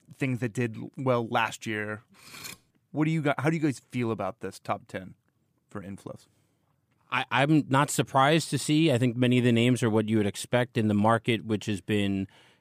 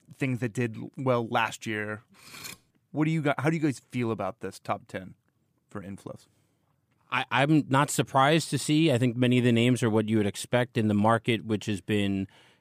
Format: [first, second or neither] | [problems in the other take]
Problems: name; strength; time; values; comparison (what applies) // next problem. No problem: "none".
neither | clattering dishes; faint; at 2 s; peak 15 dB below the speech; the same in both